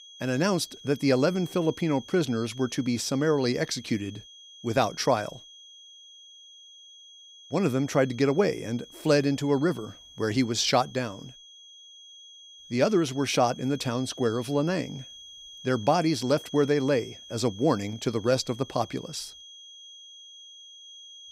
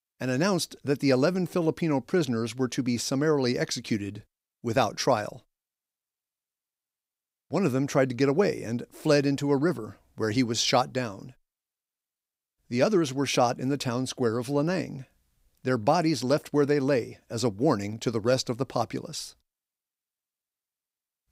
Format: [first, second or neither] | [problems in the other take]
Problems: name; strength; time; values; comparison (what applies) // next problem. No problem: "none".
second | high-pitched whine; noticeable; throughout; 3.5 kHz, 20 dB below the speech